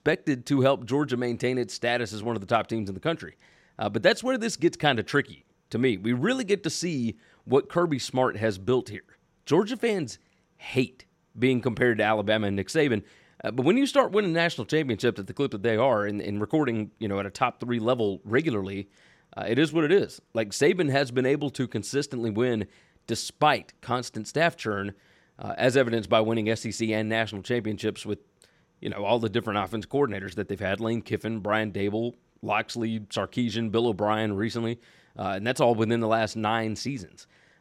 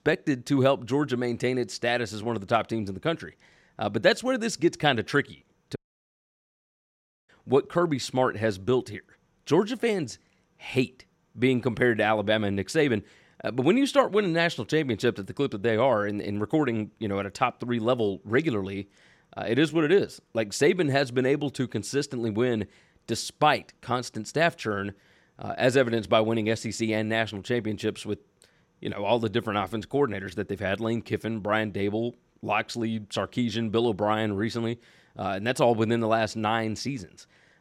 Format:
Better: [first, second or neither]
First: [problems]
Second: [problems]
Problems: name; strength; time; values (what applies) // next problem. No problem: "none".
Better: first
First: none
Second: audio cutting out; at 6 s for 1.5 s